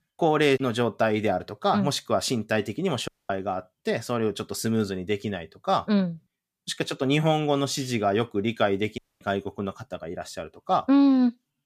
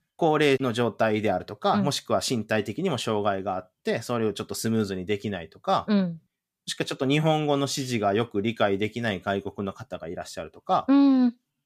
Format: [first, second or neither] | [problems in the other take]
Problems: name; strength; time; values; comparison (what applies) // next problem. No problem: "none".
second | audio cutting out; at 3 s and at 9 s